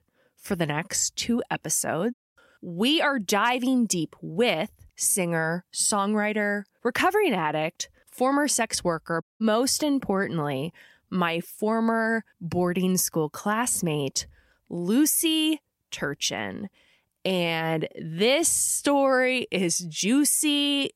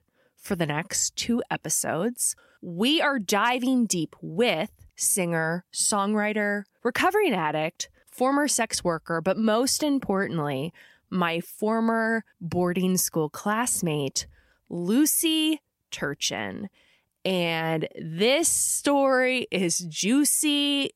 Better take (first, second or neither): second